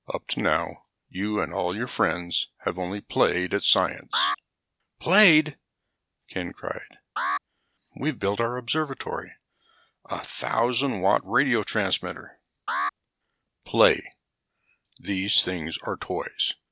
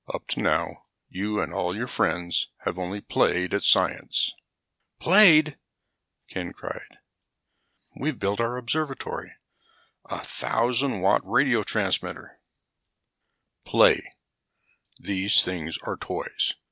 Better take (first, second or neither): second